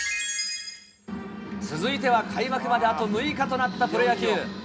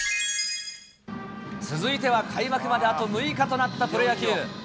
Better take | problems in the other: second | room echo; dies away in 0.3 s

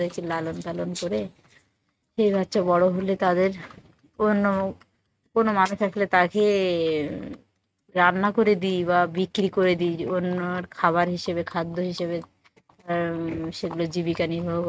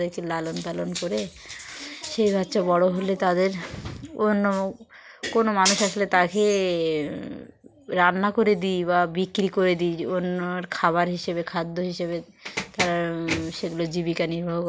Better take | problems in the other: second | noise reduction (neural mask model RNNoise)

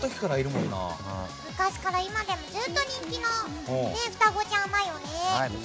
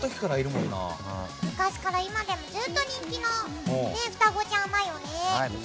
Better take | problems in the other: first | background sound (Snare drum); 11 dB below the speech

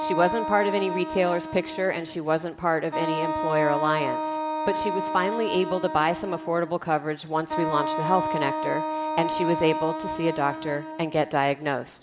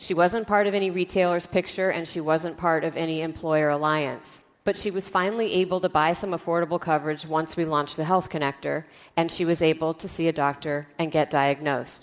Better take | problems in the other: second | background sound (Wind instrument, woodwind instrument); 4 dB below the speech

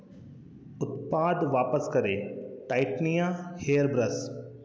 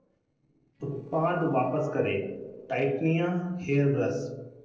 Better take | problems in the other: first | noise reduction (neural separator model SepFormer DNS4)

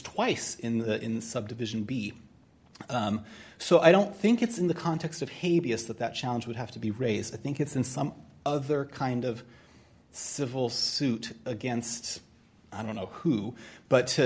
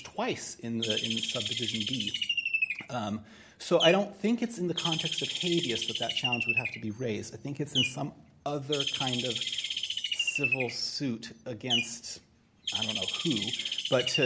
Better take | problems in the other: first | background sound (Bird); 1 dB below the speech

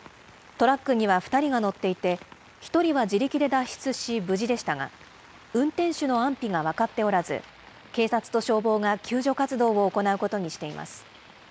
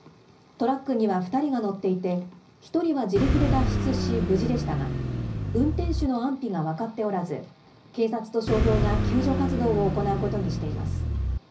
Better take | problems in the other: first | background sound (Car); 2 dB above the speech // room echo; dies away in 0.5 s

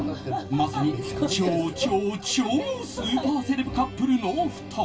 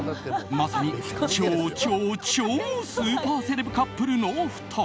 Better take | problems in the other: second | room echo; dies away in 0.1 s

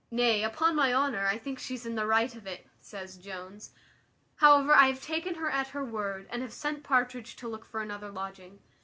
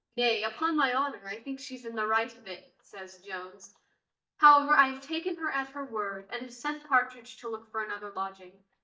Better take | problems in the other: first | noise reduction (neural mask model DeepFilterNet 3)

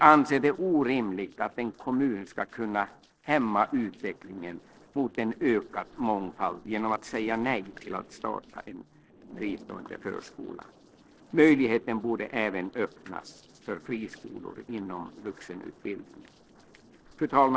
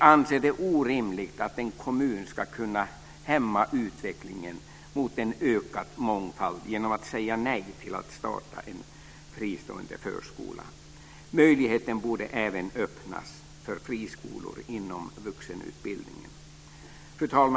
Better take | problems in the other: second | noise reduction (neural separator model SepFormer DNS4)

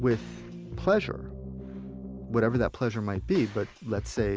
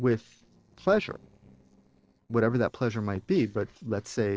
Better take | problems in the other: first | noise reduction (neural separator model SepFormer DNS4)

